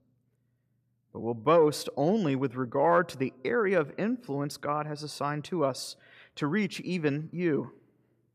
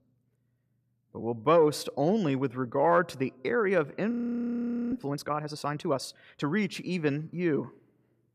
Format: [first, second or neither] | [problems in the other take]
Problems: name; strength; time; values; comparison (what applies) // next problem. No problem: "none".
first | audio freezing; at 4 s for 1 s